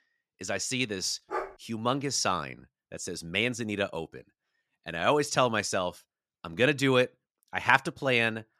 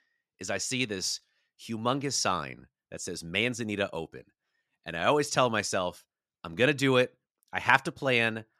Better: second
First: dog barking; noticeable; at 1.5 s; peak 8 dB below the speech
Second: none

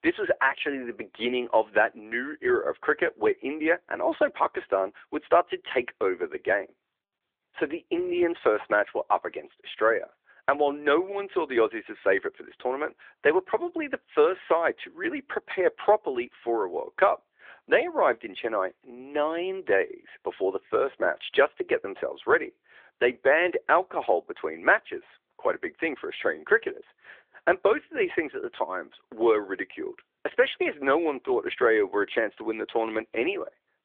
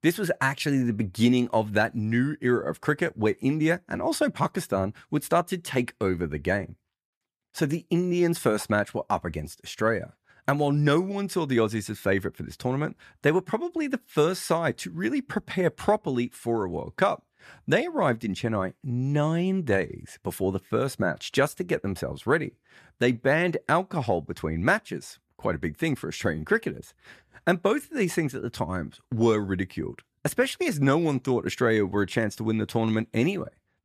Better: second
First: phone-call audio; nothing above 3.5 kHz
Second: none

